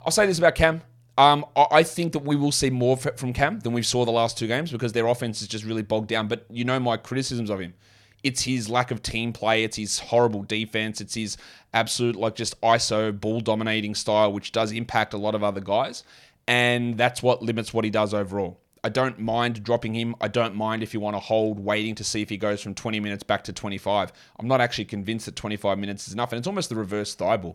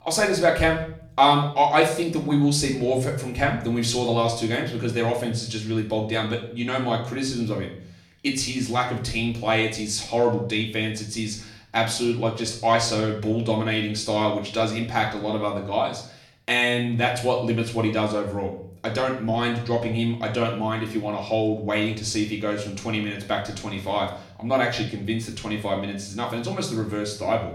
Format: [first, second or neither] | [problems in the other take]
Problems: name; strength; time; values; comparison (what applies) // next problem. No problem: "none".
first | room echo; slight; dies away in 0.5 s // off-mic speech; far